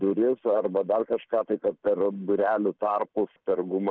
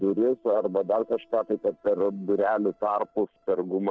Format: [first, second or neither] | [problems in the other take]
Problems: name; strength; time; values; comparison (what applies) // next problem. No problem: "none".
first | noise reduction (neural separator model SepFormer DNS4)